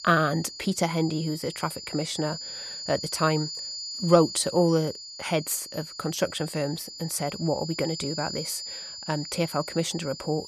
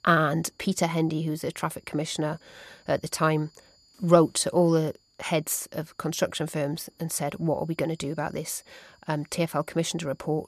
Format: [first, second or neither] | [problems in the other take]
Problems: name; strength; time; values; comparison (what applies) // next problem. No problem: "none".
second | high-pitched whine; loud; throughout; 5 kHz, 8 dB below the speech; faint in the second